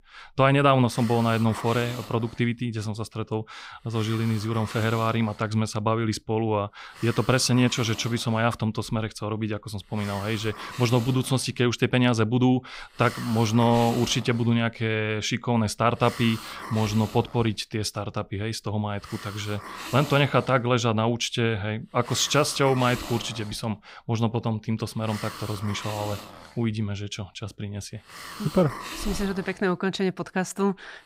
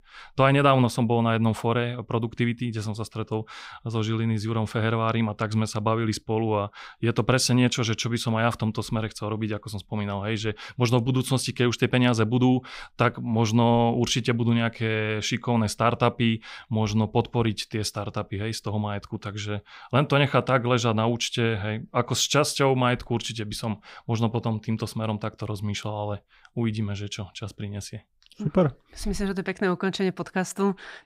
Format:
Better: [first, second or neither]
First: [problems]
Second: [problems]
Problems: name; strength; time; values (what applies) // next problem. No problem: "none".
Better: second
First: hiss; noticeable; throughout; 15 dB below the speech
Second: none